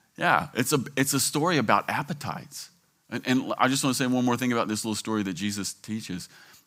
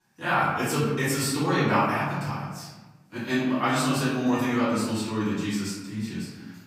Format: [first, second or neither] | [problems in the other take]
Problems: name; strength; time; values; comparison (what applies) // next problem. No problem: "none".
first | off-mic speech; far // room echo; noticeable; dies away in 1.1 s